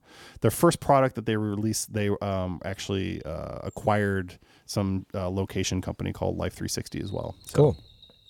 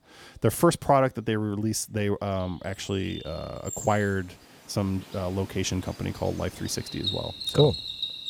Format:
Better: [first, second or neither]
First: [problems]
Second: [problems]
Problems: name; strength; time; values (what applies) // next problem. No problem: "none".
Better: first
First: animal sounds; faint; throughout; 30 dB below the speech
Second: animal sounds; loud; throughout; 8 dB below the speech